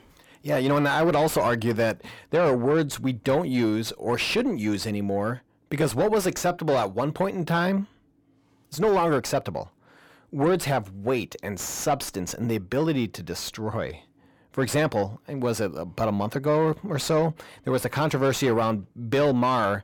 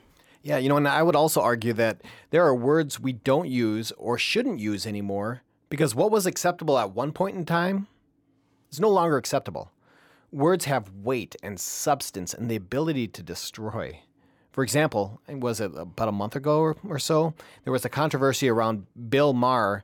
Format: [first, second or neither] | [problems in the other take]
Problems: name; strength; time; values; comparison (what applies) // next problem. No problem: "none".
second | distortion; slight; 10 dB below the speech